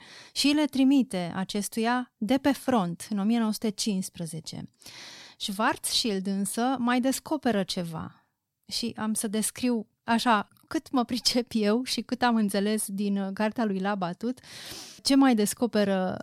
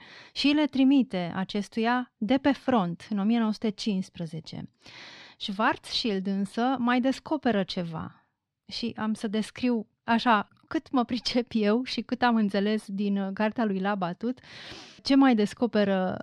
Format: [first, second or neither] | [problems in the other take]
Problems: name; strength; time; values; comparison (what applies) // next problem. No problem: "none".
first | muffled; very slightly; fading above 3 kHz